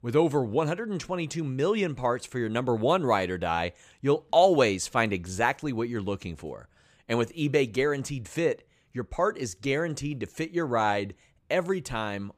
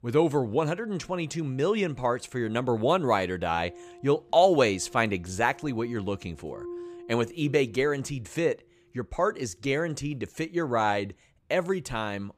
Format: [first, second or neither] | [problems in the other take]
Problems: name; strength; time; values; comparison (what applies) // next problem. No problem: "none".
first | background music; faint; until 9.5 s; 20 dB below the speech